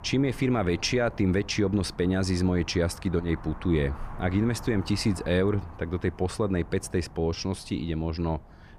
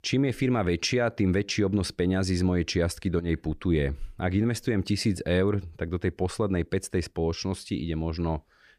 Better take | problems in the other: second | wind noise on the microphone; occasional gusts; 15 dB below the speech

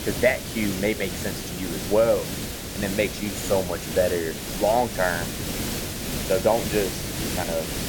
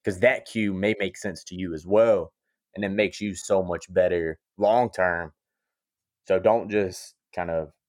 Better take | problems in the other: second | hiss; loud; throughout; 4 dB below the speech

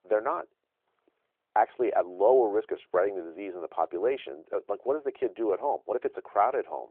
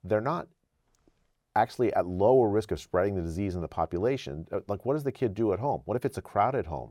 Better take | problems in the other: second | phone-call audio

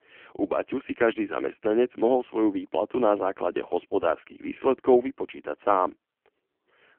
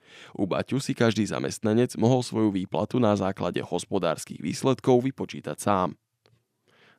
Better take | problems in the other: second | phone-call audio; poor line

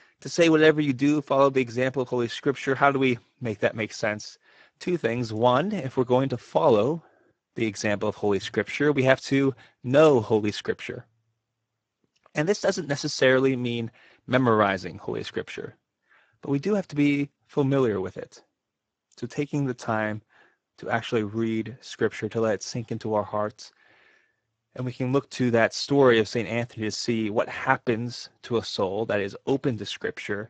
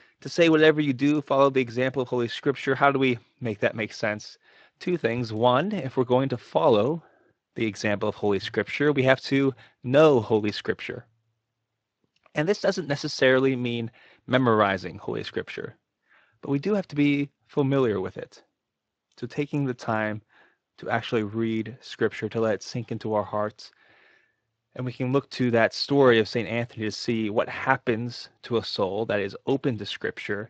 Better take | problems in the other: second | garbled, watery; badly; nothing above 7.5 kHz; slightly in the second

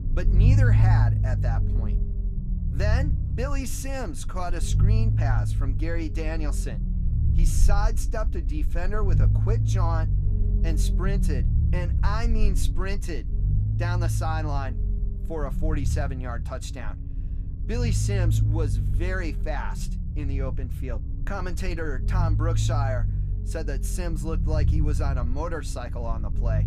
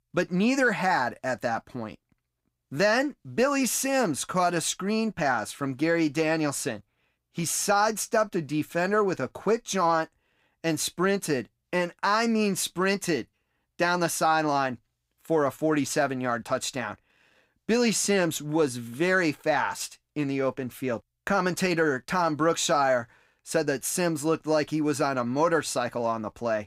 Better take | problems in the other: second | low rumble; loud; throughout; 7 dB below the speech

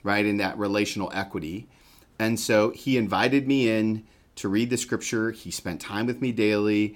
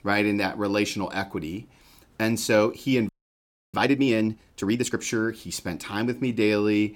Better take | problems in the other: first | audio freezing; at 3 s for 0.5 s

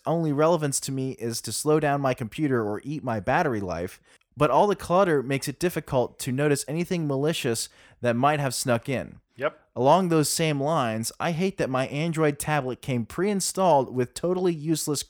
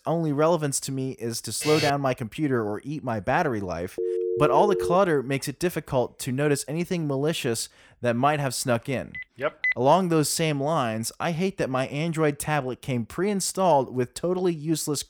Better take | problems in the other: first | alarm; noticeable; at 1.5 s; peak 2 dB below the speech // phone ringing; noticeable; at 4 s and at 9 s; peak 1 dB below the speech

